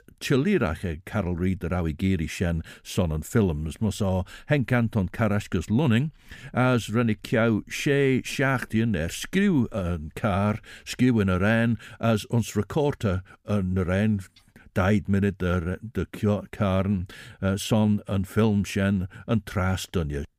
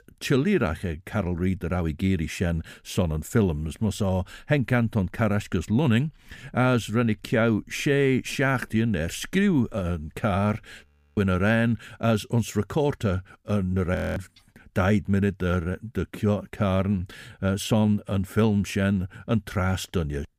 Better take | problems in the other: first | audio freezing; at 11 s and at 14 s

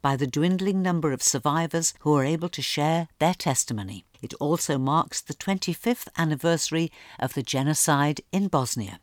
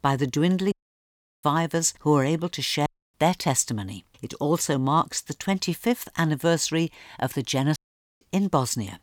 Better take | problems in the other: first | audio cutting out; at 0.5 s for 0.5 s, at 3 s and at 8 s

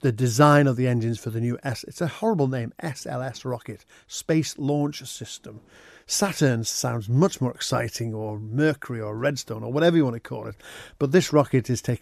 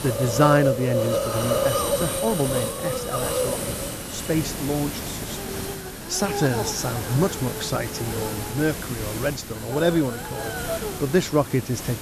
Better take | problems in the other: first | hiss; loud; throughout; 2 dB below the speech

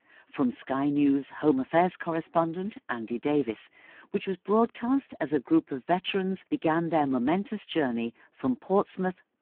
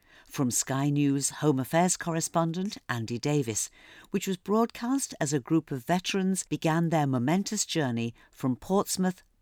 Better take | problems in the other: second | phone-call audio; poor line

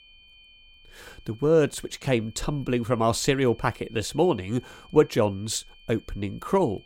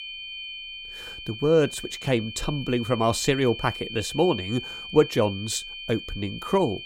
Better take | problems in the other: first | high-pitched whine; loud; throughout; 3 kHz, 10 dB below the speech; faint in the first

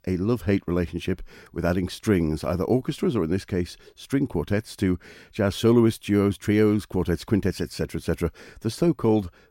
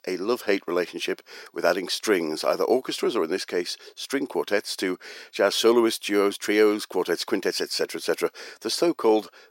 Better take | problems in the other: first | thin; very; fading below 400 Hz

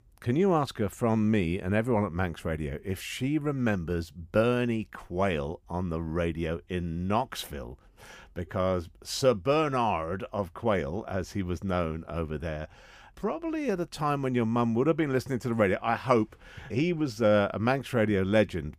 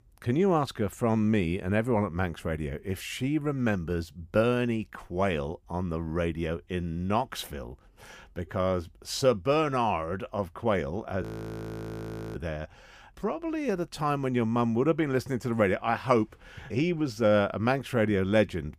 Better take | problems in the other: first | audio freezing; at 11 s for 1 s

